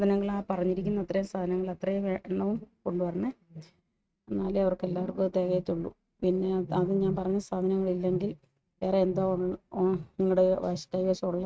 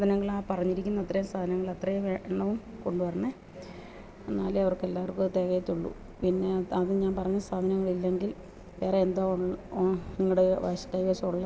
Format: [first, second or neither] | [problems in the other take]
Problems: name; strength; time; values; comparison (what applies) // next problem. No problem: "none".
second | noise reduction (neural mask model RNNoise)